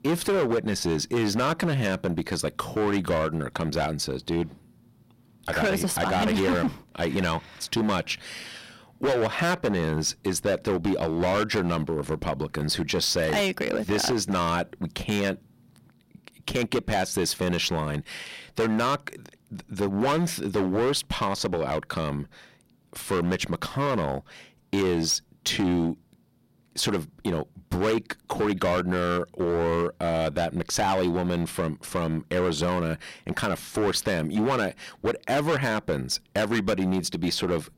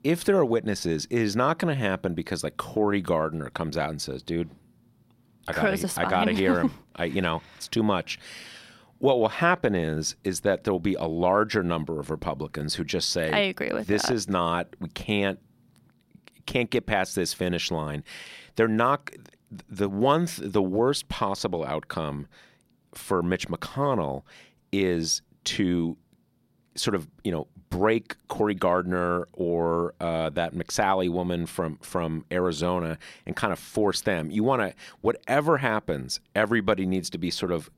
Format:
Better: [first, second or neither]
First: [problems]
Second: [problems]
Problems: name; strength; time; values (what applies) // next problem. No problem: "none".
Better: second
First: distortion; heavy; 12% of the sound clipped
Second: none